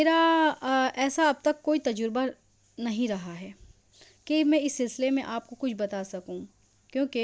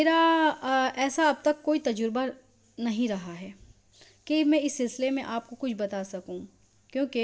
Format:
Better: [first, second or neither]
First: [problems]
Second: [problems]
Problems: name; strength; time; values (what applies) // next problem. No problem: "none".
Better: first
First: none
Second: room echo; dies away in 0.5 s